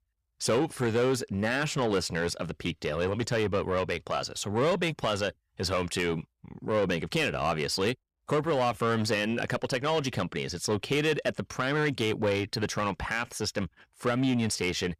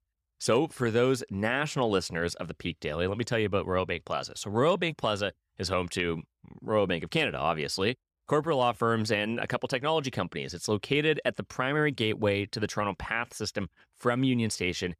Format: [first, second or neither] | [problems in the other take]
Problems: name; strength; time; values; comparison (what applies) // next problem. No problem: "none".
second | distortion; slight; 10 dB below the speech